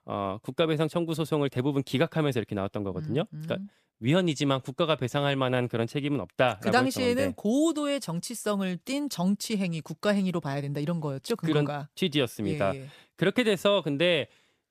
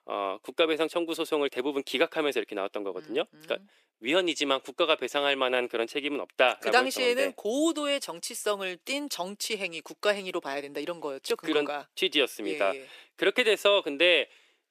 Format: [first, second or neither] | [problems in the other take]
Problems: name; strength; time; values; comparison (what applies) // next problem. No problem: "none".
first | thin; somewhat; fading below 350 Hz